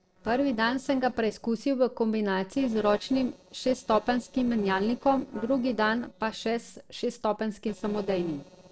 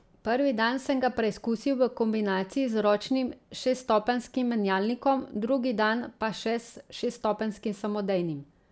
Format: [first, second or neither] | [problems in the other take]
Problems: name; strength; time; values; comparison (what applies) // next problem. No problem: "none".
second | noise reduction (neural separator model SepFormer DNS4)